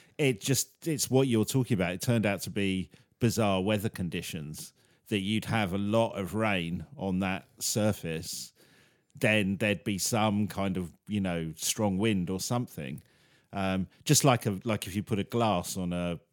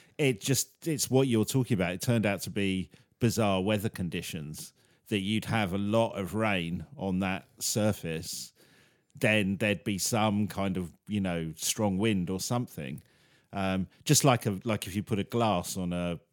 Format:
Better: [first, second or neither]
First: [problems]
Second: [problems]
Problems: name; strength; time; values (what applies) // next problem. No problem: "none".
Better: neither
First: none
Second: none